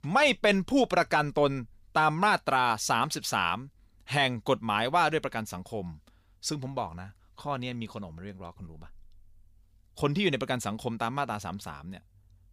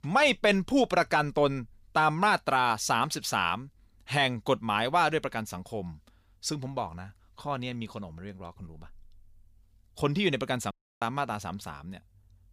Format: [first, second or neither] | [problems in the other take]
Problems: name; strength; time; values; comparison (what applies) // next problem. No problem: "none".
first | audio cutting out; at 11 s